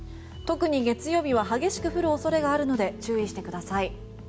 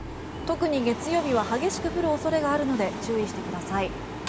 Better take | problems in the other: first | background sound (Mechanical fan); 9 dB below the speech

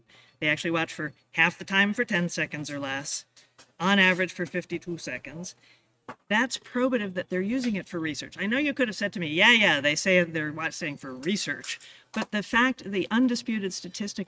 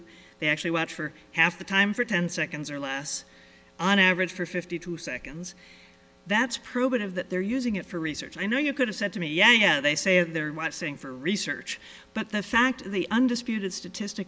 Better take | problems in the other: second | noise reduction (neural mask model RNNoise)

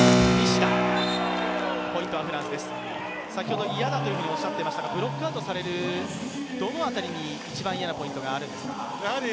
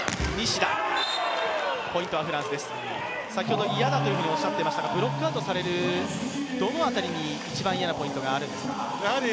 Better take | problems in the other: second | background sound (Keyboard (musical)); as loud as the speech

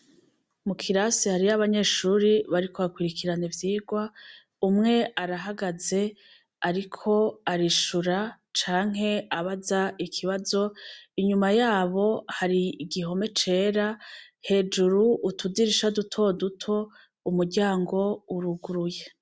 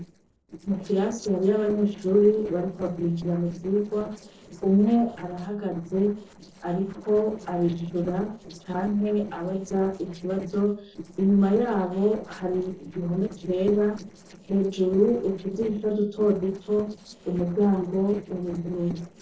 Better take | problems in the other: first | noise reduction (neural separator model SepFormer DNS4)

